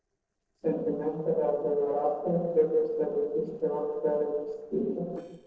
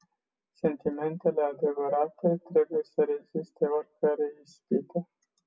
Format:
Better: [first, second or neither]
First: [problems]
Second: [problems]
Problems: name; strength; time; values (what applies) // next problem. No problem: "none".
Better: second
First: noise reduction (neural separator model SepFormer DNS4)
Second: none